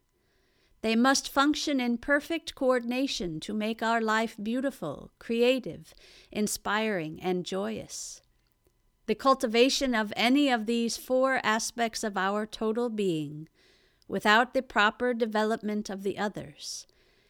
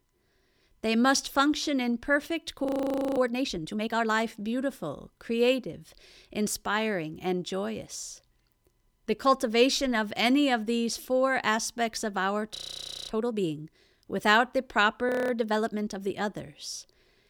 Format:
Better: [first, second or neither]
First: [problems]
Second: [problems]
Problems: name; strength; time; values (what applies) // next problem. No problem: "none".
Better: first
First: none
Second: audio freezing; at 2.5 s for 0.5 s, at 13 s for 0.5 s and at 15 s